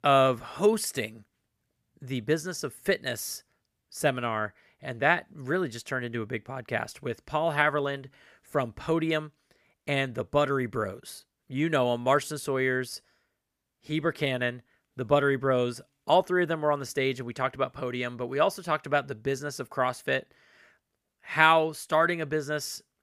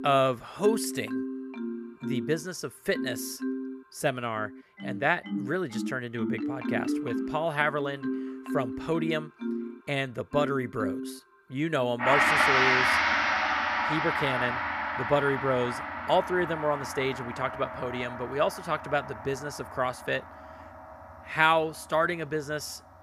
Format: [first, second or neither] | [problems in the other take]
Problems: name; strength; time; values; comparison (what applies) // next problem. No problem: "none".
first | background music; loud; throughout; as loud as the speech